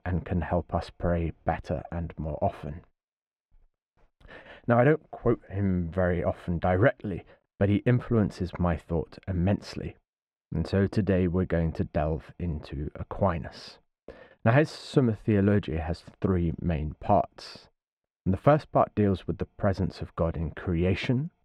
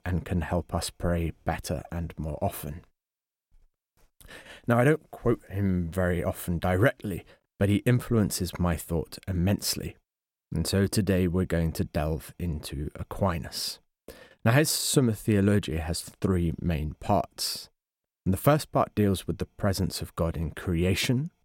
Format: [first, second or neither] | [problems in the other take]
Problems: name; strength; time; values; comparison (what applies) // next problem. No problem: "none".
second | muffled; very; fading above 2.5 kHz